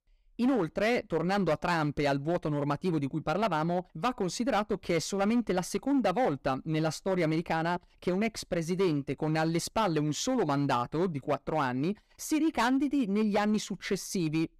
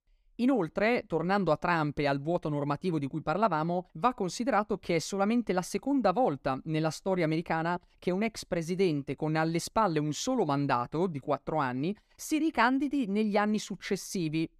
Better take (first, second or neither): second